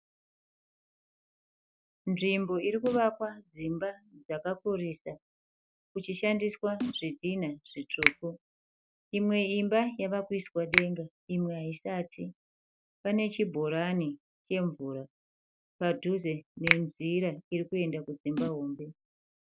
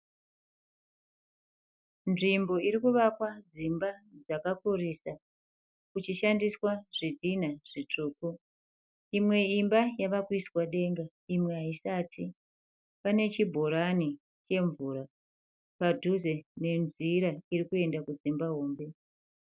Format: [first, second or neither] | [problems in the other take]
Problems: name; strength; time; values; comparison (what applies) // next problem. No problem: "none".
second | background sound (Finger snapping + Snare drum); 3 dB below the speech